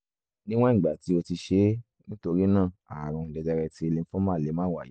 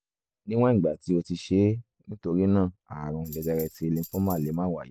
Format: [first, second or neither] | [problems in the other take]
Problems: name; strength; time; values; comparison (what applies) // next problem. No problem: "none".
first | background sound (Tambourine); 18 dB below the speech